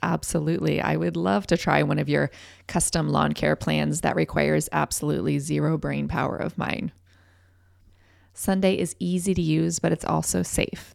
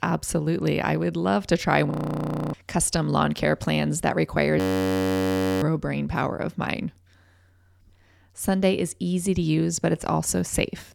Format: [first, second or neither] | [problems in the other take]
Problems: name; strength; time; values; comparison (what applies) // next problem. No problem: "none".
first | audio freezing; at 2 s for 0.5 s and at 4.5 s for 1 s